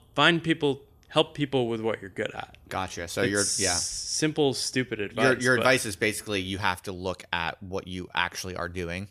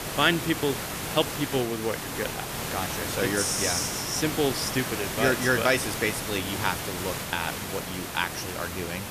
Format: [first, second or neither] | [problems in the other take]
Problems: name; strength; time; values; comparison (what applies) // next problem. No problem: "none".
first | hiss; loud; throughout; 4 dB below the speech